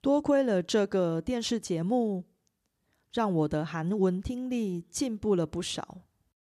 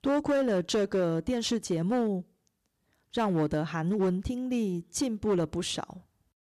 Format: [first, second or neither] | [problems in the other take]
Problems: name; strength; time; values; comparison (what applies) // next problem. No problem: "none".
first | distortion; slight; 7% of the sound clipped